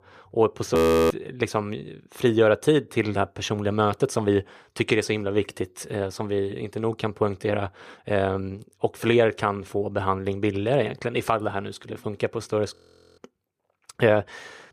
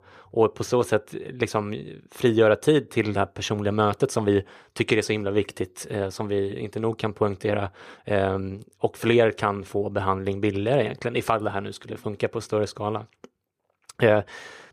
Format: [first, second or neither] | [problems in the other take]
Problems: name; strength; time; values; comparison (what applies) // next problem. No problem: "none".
second | audio freezing; at 1 s and at 13 s